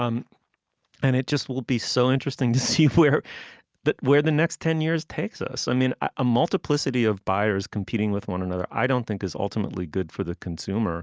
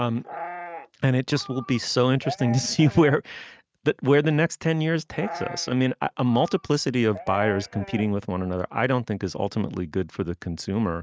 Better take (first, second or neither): first